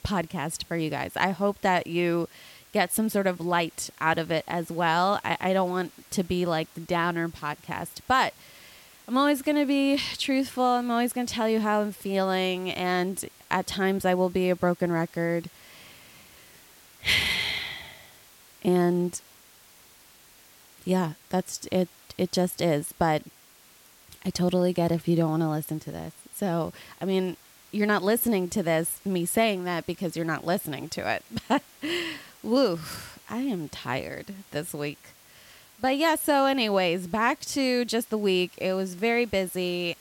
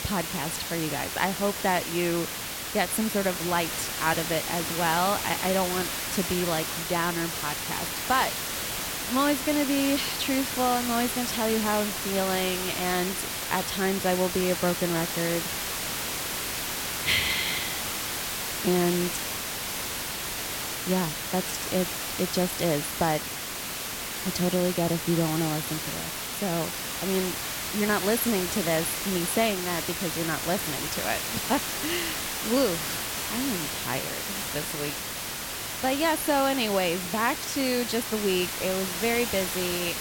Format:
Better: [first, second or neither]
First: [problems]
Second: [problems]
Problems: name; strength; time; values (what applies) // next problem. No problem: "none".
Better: first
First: hiss; faint; throughout; 25 dB below the speech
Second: hiss; loud; throughout; 2 dB below the speech